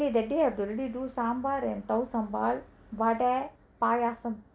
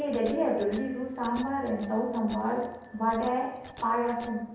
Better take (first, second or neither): first